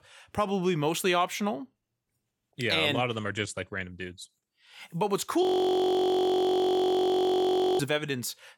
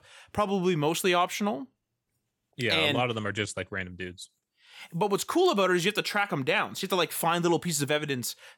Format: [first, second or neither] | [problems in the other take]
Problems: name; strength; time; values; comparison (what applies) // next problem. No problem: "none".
second | audio freezing; at 5.5 s for 2.5 s